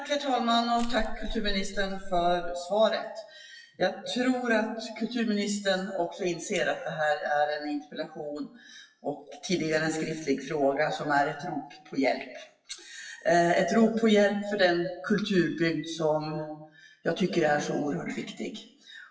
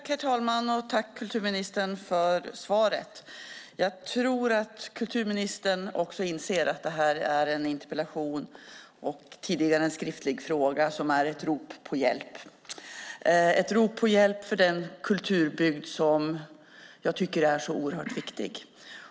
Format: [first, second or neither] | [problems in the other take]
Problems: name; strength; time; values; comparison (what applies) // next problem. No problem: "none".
second | noise reduction (classical method WPE with log-MMSE)